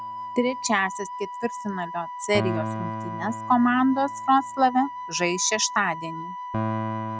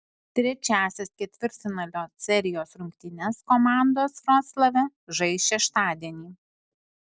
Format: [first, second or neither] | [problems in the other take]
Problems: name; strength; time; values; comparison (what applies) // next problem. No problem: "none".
second | background sound (Piano + Wind instrument, woodwind instrument); 7 dB below the speech